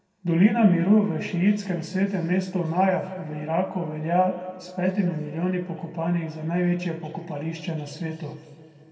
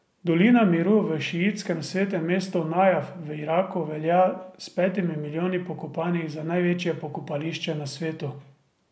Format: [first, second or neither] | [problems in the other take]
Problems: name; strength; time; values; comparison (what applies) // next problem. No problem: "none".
second | room echo; dies away in 2.3 s